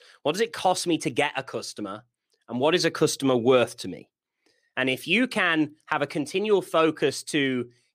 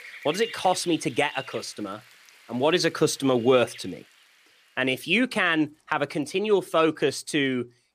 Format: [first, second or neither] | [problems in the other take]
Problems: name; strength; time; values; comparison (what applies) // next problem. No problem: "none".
first | rain or running water; noticeable; throughout; 20 dB below the speech